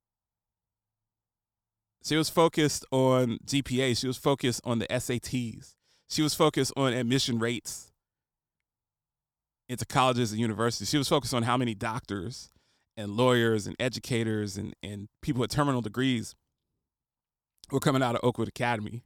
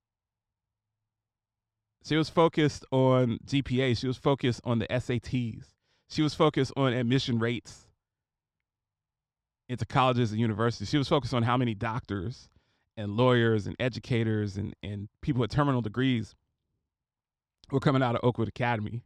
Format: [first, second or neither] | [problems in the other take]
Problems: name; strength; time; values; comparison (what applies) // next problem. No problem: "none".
first | muffled; very slightly; fading above 3.5 kHz